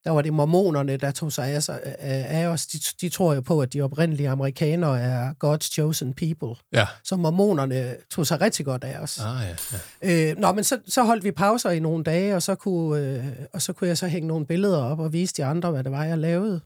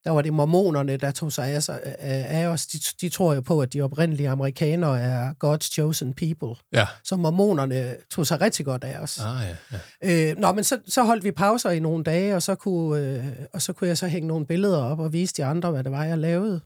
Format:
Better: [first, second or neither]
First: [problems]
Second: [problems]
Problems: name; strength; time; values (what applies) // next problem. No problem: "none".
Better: second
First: jangling keys; noticeable; at 9.5 s; peak 8 dB below the speech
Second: none